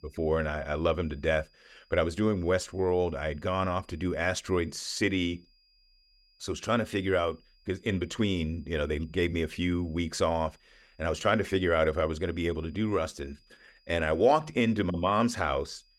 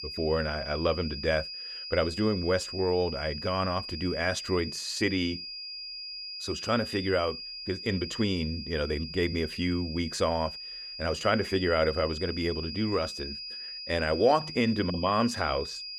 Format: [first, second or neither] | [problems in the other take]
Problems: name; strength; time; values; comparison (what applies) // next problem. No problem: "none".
first | high-pitched whine; loud; throughout; 5 kHz, 8 dB below the speech; faint in the first